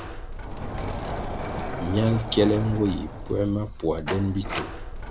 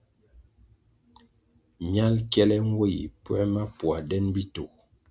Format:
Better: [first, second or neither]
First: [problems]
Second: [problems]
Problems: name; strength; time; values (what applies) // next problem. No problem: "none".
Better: second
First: background sound (Sliding door); 6 dB below the speech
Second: none